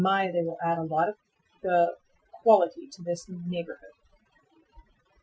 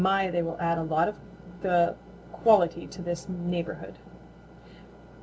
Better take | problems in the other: second | noise reduction (classical method Wiener filter)

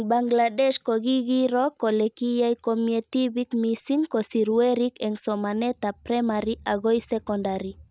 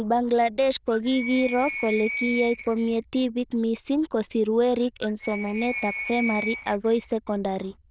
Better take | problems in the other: first | noise reduction (neural diffusion model UNIVERSE++)

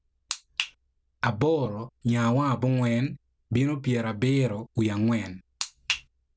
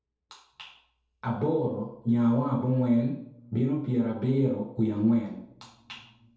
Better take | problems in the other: first | room echo; dies away in 0.8 s

